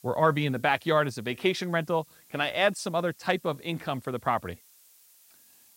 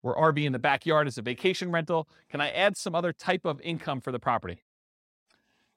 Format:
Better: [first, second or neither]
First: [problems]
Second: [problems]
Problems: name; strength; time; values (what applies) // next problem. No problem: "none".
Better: second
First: hiss; faint; throughout; 25 dB below the speech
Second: none